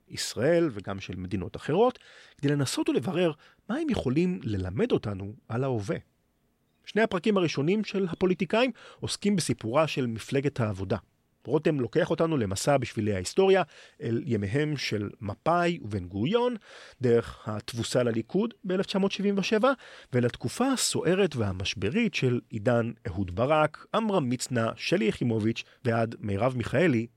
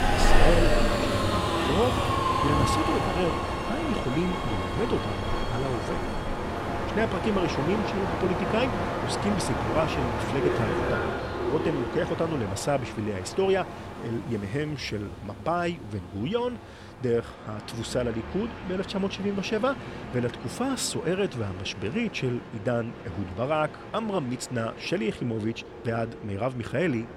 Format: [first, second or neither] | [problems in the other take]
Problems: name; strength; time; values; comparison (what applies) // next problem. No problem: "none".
first | train or aircraft noise; very loud; throughout; as loud as the speech